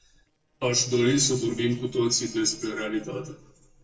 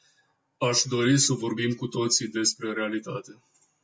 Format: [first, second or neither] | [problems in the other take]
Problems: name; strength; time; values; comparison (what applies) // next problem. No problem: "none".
second | noise reduction (neural separator model SepFormer DNS4)